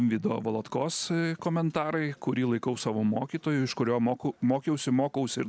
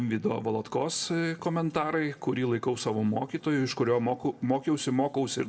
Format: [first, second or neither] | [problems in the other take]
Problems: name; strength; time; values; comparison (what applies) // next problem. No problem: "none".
first | room echo; dies away in 0.8 s